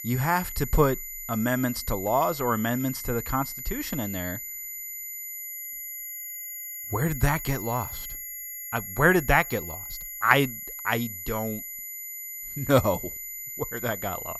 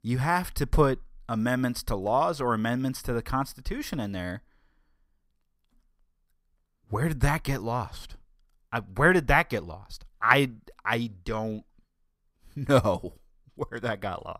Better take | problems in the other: second | high-pitched whine; loud; throughout; 12 kHz, 8 dB below the speech

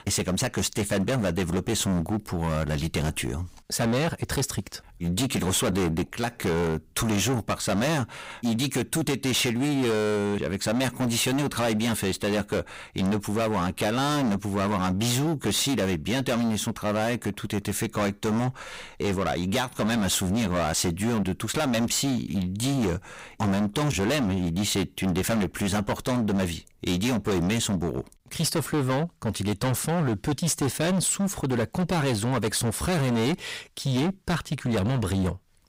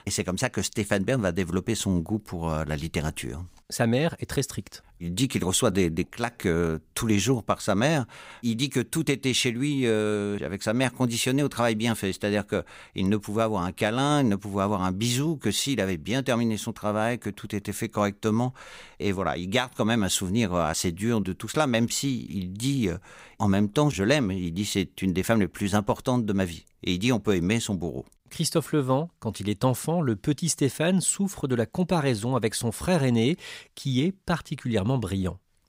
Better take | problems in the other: second | distortion; heavy; 24% of the sound clipped

